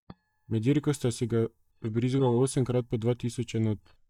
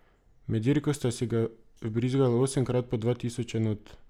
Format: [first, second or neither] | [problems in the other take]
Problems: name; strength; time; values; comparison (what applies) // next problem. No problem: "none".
second | noise reduction (neural mask model DeepFilterNet 3)